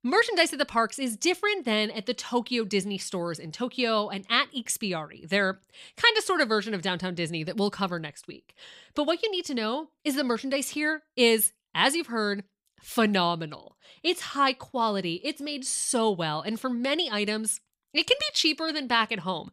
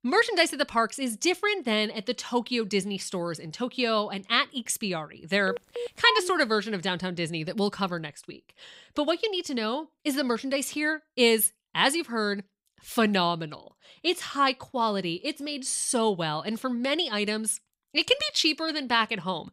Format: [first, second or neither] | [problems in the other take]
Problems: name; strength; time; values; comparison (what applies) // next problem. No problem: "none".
first | phone ringing; noticeable; at 5.5 s; peak 4 dB below the speech